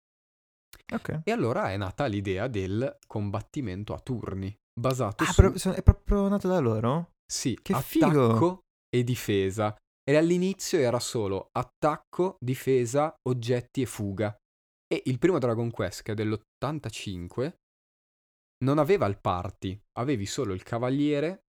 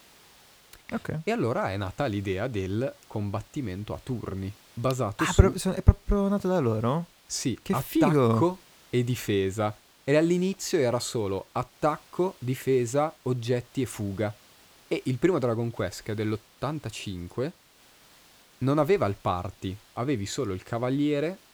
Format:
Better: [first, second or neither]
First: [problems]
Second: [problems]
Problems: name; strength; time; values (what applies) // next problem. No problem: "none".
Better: first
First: none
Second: hiss; faint; throughout; 25 dB below the speech